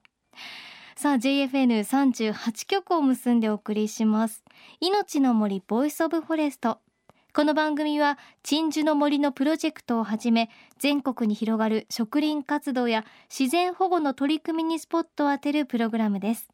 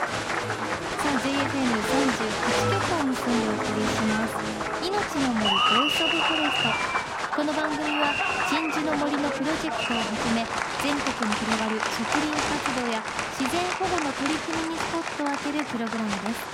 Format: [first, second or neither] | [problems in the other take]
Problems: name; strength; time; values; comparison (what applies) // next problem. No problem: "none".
first | crowd noise; very loud; throughout; 3 dB above the speech